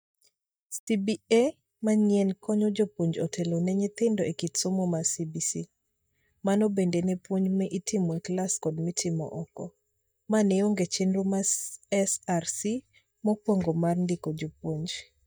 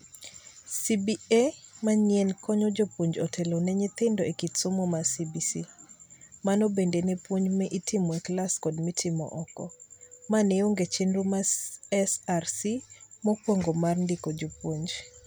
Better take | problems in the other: second | noise reduction (neural mask model DeepFilterNet 3)

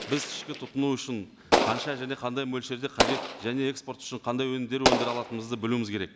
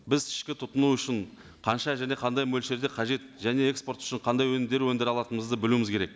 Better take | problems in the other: second | background sound (Explosion); as loud as the speech

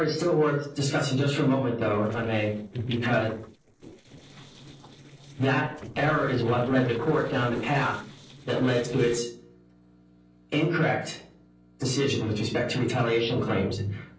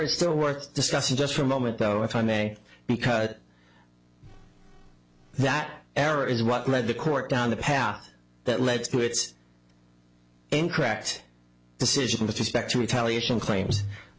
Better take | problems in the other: second | noise reduction (neural separator model SepFormer DNS4)

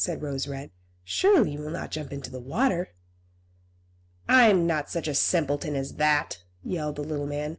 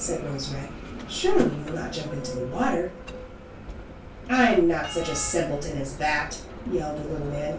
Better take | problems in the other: first | background sound (Bell); 10 dB below the speech // room echo; dies away in 0.2 s

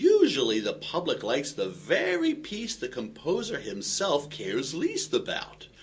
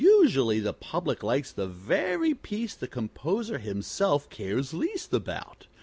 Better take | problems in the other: second | room echo; dies away in 0.2 s

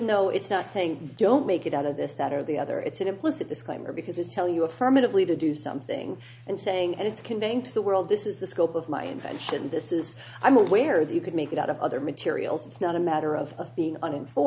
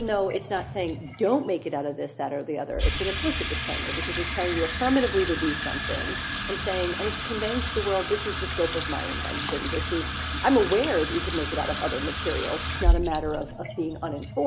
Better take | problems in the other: first | background sound (Sink (filling or washing) / Water tap, faucet); 2 dB below the speech

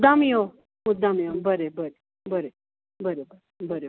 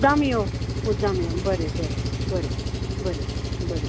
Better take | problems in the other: first | background sound (Engine); as loud as the speech

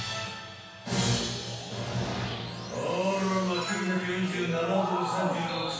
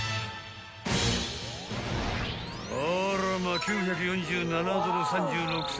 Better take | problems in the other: second | room echo; dies away in 0.7 s

